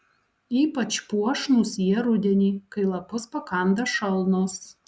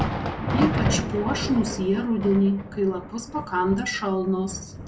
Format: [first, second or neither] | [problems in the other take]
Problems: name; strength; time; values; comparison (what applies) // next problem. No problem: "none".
first | background sound (Thunder); 4 dB below the speech // room echo; dies away in 0.2 s